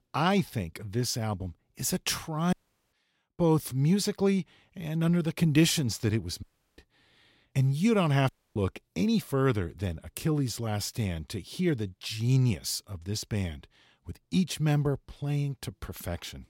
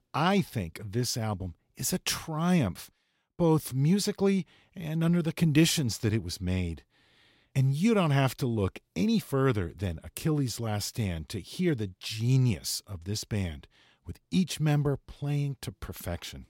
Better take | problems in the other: second | audio cutting out; at 2.5 s, at 6.5 s and at 8.5 s

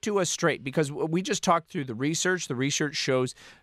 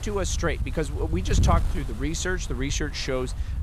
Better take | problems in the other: first | wind noise on the microphone; occasional gusts; 15 dB below the speech

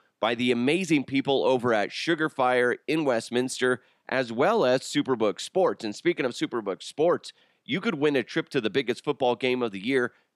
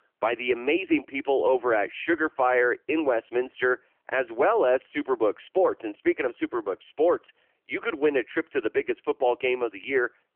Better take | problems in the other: first | phone-call audio; nothing above 3 kHz

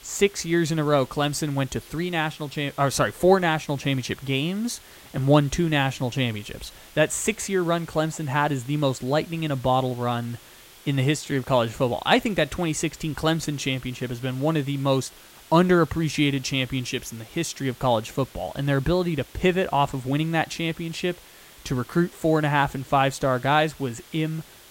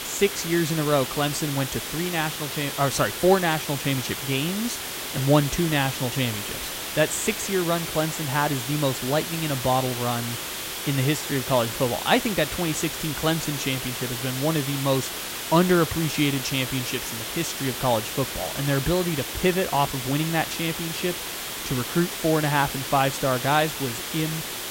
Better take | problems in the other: first | hiss; loud; throughout; 5 dB below the speech; faint in the first

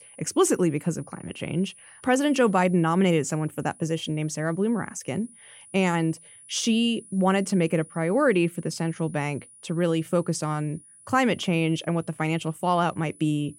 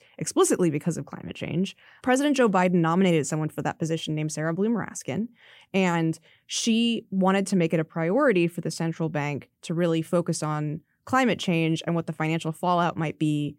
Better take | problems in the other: second | high-pitched whine; faint; throughout; 10 kHz, 25 dB below the speech

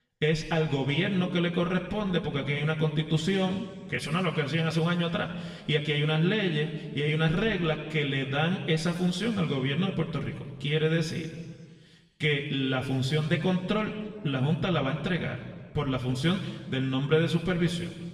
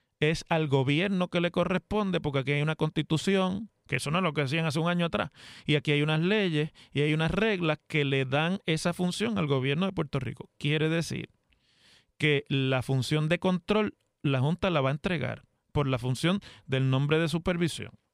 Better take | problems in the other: second | room echo; slight; dies away in 1.5 s // off-mic speech; somewhat distant

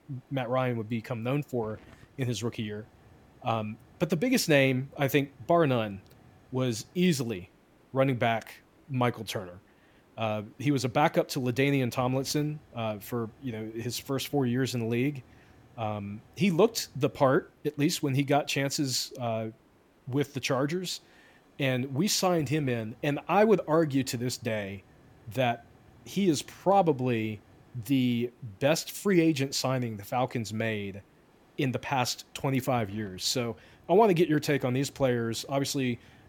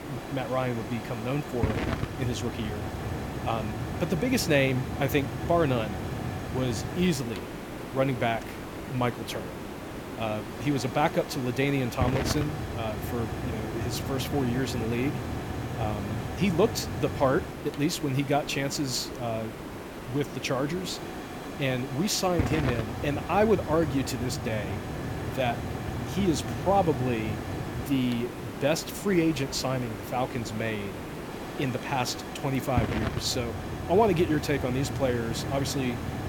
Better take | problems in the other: first | hiss; loud; throughout; 6 dB below the speech; faint in the first

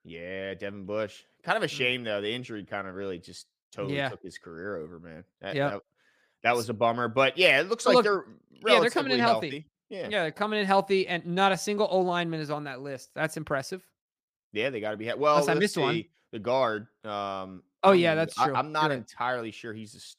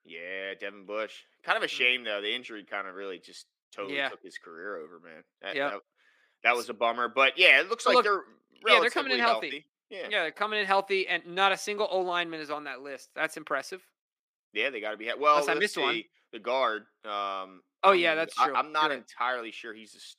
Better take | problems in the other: first | thin; somewhat; fading below 300 Hz

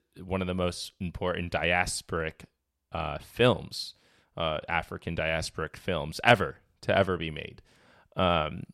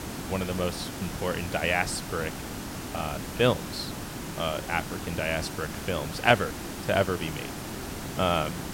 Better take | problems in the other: first | hiss; loud; throughout; 7 dB below the speech

